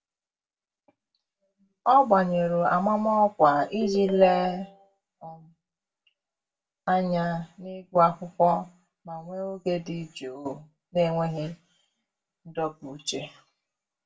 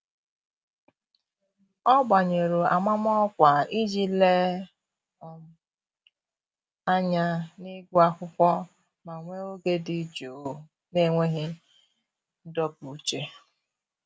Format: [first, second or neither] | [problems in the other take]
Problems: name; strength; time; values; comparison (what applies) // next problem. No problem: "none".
second | background sound (Ringtone); 6 dB below the speech // room echo; dies away in 0.2 s